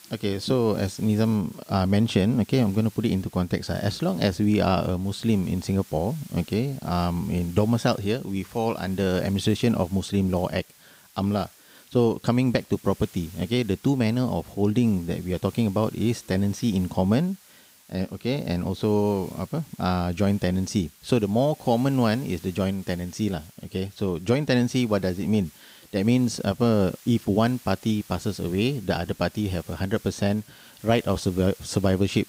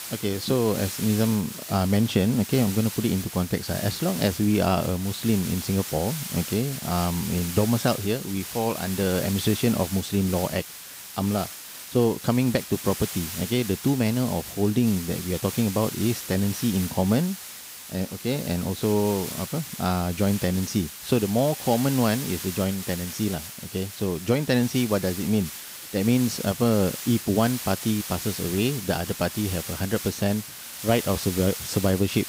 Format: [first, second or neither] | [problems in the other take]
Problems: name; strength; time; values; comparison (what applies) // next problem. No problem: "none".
first | hiss; loud; throughout; 8 dB below the speech; faint in the first